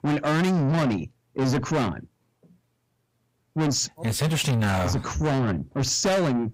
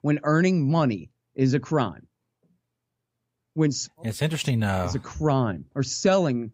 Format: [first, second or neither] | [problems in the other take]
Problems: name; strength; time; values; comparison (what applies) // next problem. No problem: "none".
second | distortion; heavy; 5 dB below the speech